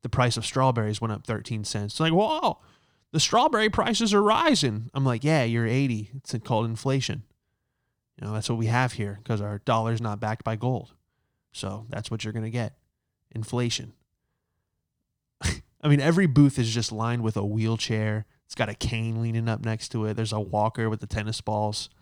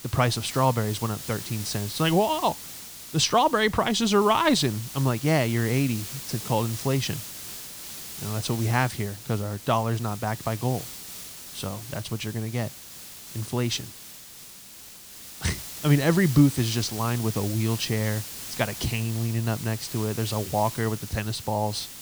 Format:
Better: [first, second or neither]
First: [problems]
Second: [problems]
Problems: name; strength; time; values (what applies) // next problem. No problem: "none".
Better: first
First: none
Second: hiss; noticeable; throughout; 10 dB below the speech